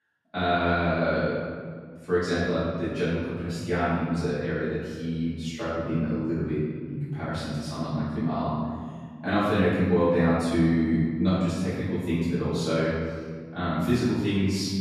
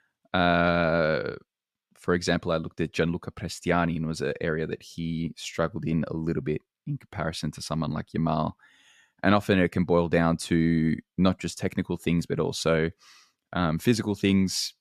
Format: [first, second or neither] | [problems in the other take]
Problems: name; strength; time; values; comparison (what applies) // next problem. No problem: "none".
second | off-mic speech; far // room echo; strong; dies away in 1.7 s